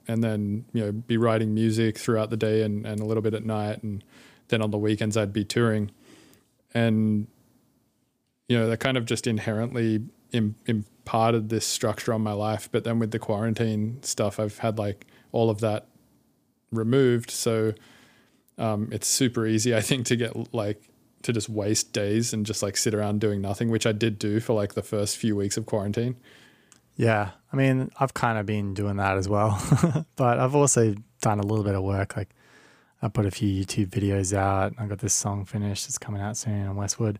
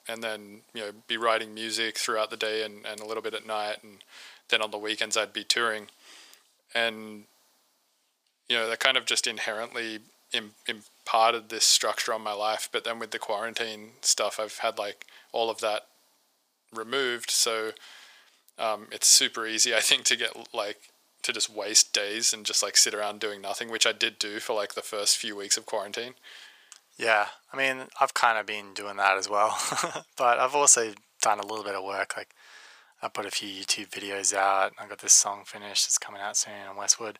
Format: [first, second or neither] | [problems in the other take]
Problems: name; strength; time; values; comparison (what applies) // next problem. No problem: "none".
first | thin; very; fading below 850 Hz